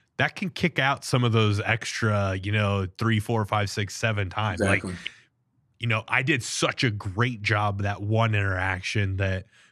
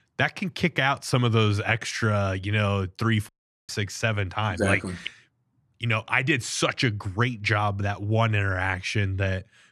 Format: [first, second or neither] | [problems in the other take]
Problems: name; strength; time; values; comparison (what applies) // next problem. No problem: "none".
first | audio cutting out; at 3.5 s